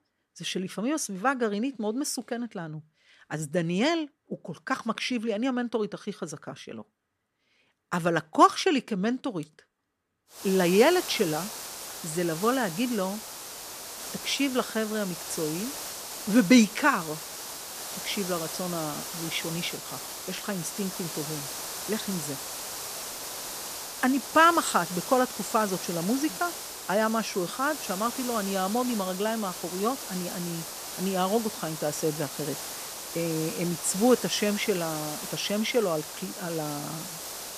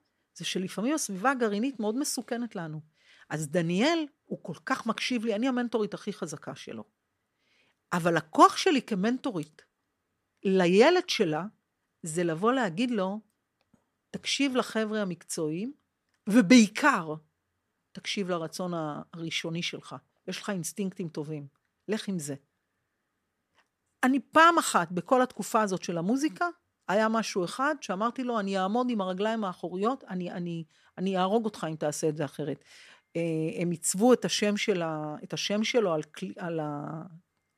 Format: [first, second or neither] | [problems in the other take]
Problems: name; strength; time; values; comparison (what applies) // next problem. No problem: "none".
second | hiss; loud; from 10 s on; 7 dB below the speech